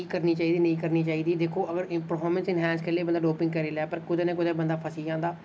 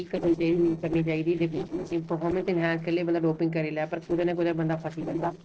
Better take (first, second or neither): first